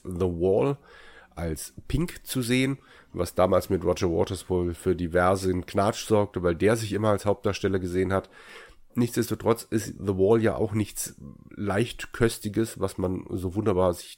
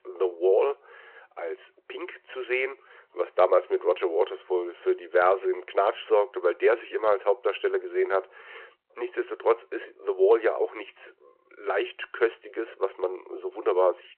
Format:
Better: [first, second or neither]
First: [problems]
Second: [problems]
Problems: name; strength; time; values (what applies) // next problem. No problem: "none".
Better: first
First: none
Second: phone-call audio